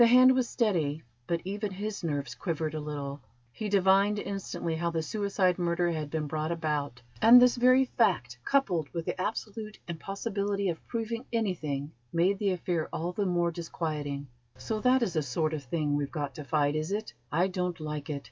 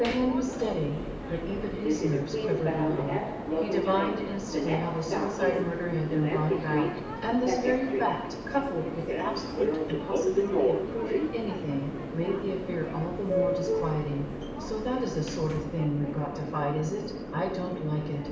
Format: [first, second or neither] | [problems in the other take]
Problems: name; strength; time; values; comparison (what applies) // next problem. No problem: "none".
first | background sound (Subway, metro, underground); 1 dB below the speech // room echo; dies away in 0.8 s